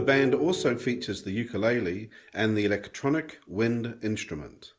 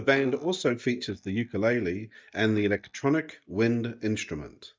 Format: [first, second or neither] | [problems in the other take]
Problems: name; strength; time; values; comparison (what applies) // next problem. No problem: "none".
first | noise reduction (neural mask model DeepFilterNet 3)